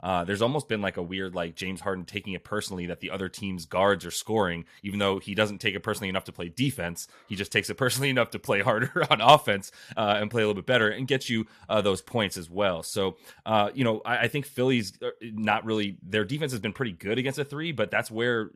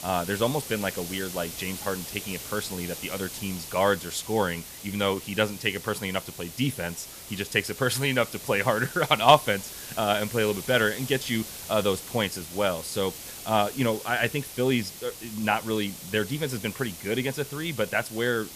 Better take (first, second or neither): first